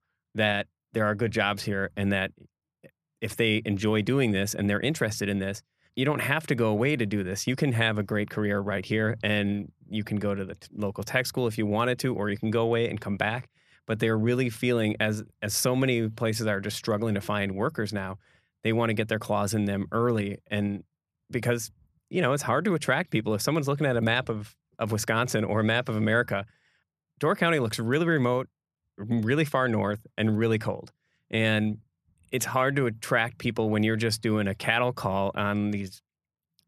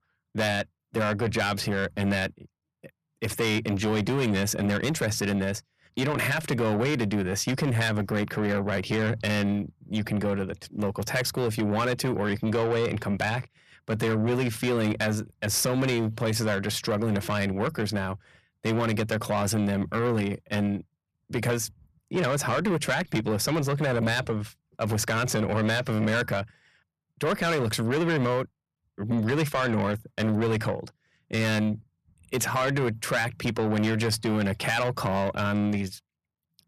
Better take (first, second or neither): first